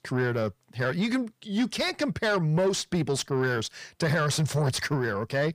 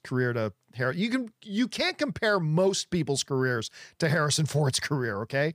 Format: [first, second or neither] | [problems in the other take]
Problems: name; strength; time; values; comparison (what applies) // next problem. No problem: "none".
second | distortion; slight; 10 dB below the speech